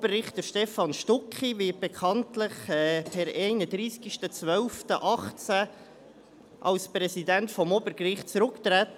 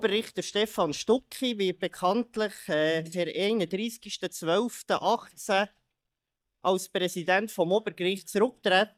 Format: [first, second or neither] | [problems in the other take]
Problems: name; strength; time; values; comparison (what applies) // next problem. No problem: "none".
first | noise reduction (neural mask model DeepFilterNet 3)